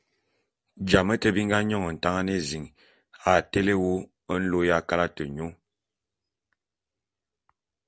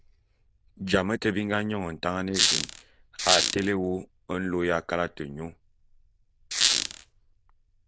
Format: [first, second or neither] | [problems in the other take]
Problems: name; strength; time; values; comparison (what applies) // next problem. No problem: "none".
first | noise reduction (neural diffusion model UNIVERSE++)